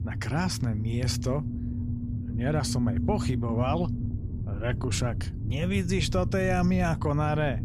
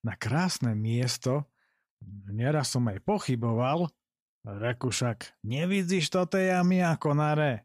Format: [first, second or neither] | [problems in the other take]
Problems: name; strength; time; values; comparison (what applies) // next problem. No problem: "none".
second | low rumble; noticeable; throughout; 10 dB below the speech